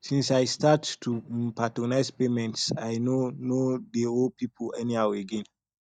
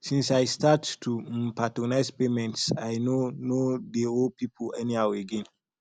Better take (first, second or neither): second